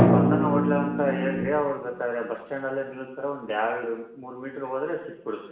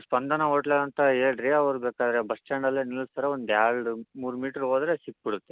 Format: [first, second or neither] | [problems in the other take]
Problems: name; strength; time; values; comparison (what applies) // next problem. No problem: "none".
second | background sound (Drum); 2 dB above the speech // room echo; dies away in 0.9 s